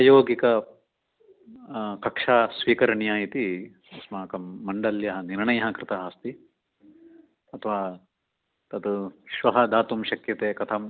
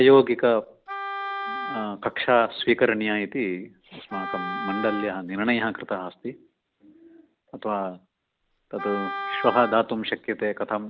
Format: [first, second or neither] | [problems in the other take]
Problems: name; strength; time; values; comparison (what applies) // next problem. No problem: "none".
first | background sound (Wind instrument, woodwind instrument); 9 dB below the speech